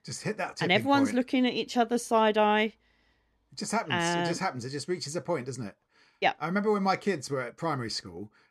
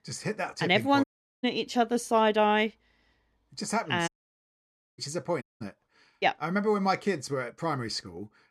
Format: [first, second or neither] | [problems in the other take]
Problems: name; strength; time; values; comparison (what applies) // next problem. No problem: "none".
first | audio cutting out; at 1 s, at 4 s for 1 s and at 5.5 s